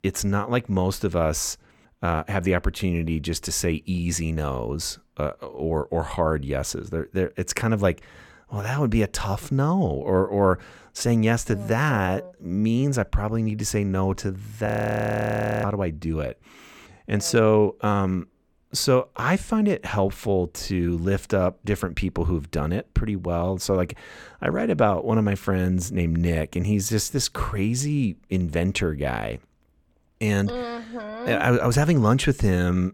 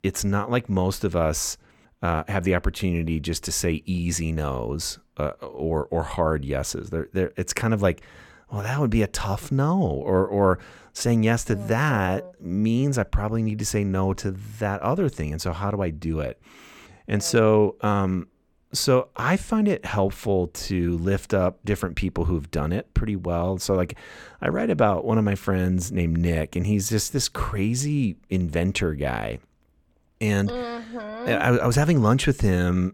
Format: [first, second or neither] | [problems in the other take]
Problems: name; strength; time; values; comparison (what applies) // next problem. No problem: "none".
second | audio freezing; at 15 s for 1 s